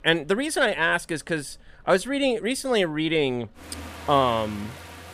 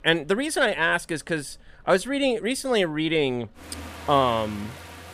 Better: neither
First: rain or running water; noticeable; throughout; 15 dB below the speech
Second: rain or running water; noticeable; throughout; 15 dB below the speech

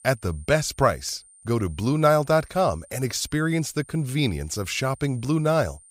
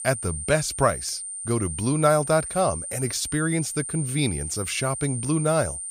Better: first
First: high-pitched whine; faint; throughout; 9 kHz, 25 dB below the speech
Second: high-pitched whine; loud; throughout; 9 kHz, 6 dB below the speech

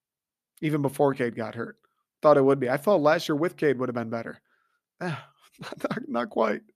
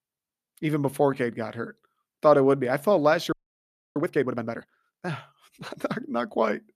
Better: first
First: none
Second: audio freezing; at 3.5 s for 0.5 s

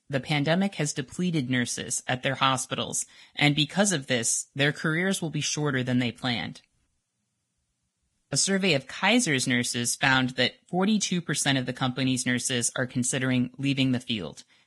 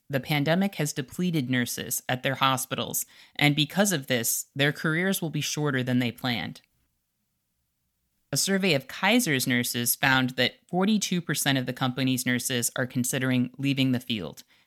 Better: second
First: garbled, watery; badly; nothing above 11 kHz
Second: none

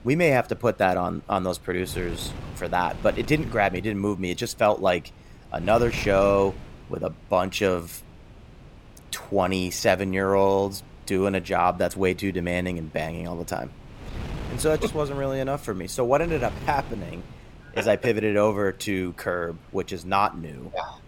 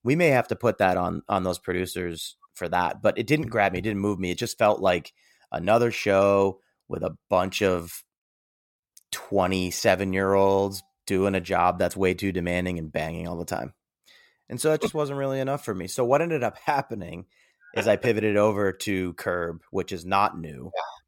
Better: second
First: wind noise on the microphone; occasional gusts; 20 dB below the speech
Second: none

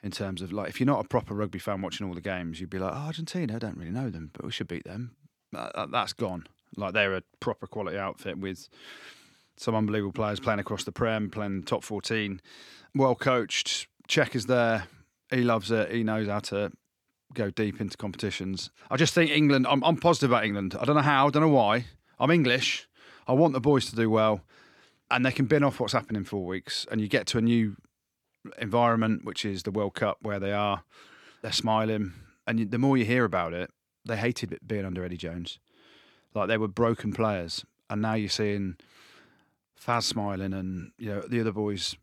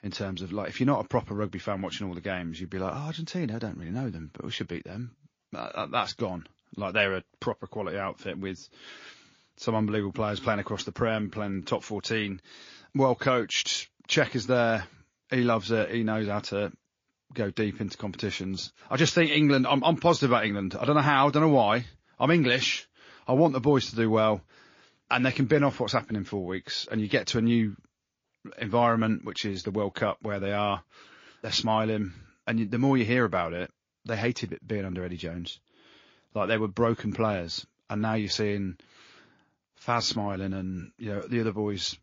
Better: first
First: none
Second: garbled, watery; slightly; nothing above 6.5 kHz

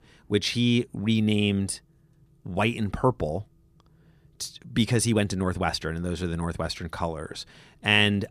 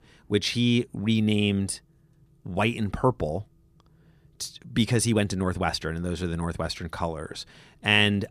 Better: neither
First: none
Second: none

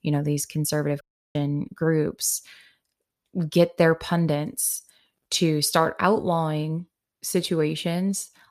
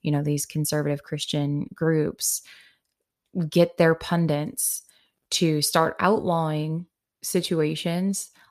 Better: second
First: audio cutting out; at 1 s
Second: none

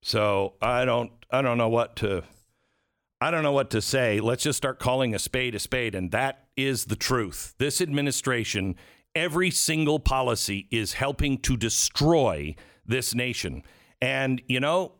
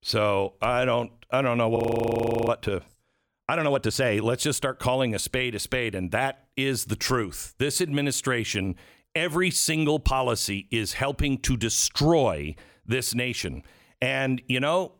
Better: first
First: none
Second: audio freezing; at 2 s for 0.5 s

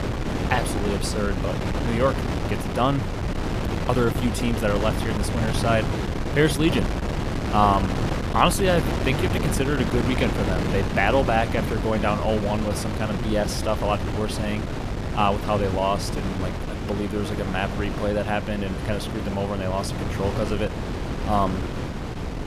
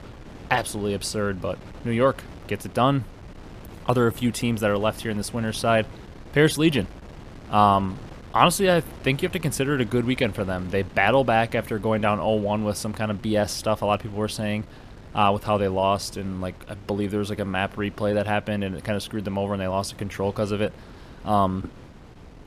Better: second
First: wind noise on the microphone; heavy; 6 dB below the speech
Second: wind noise on the microphone; occasional gusts; 25 dB below the speech

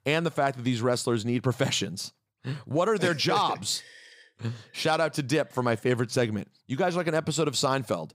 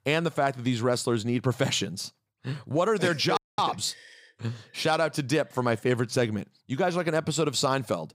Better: first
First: none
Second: audio freezing; at 3.5 s

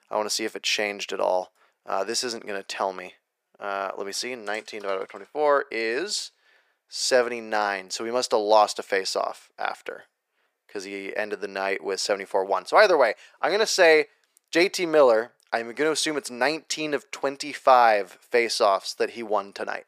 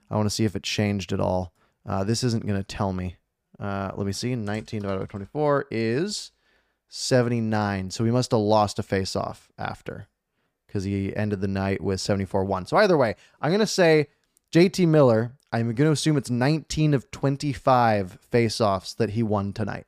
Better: second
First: thin; very; fading below 450 Hz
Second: none

